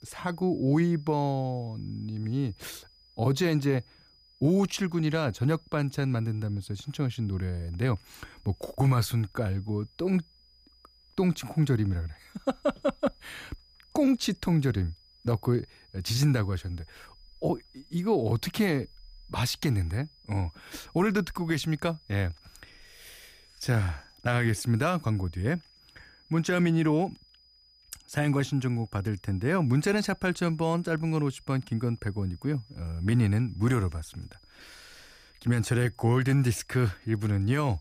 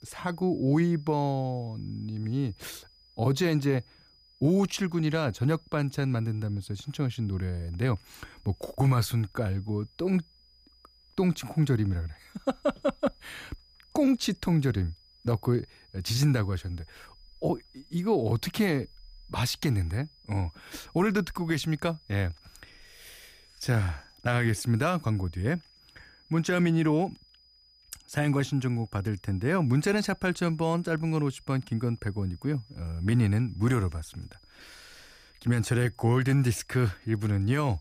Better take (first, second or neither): neither